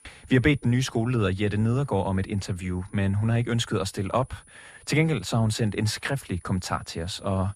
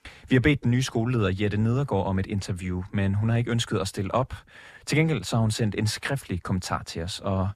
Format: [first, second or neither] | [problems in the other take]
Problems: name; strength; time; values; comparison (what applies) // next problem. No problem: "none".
second | high-pitched whine; faint; throughout; 10 kHz, 30 dB below the speech